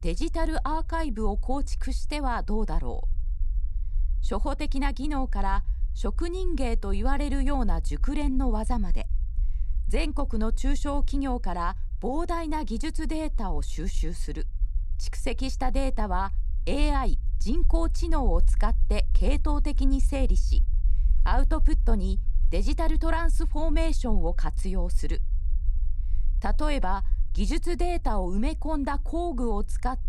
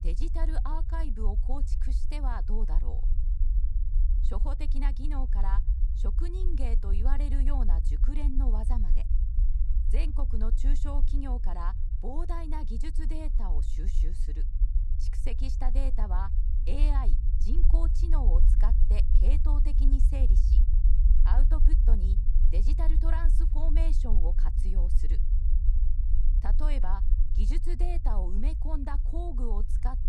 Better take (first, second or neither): first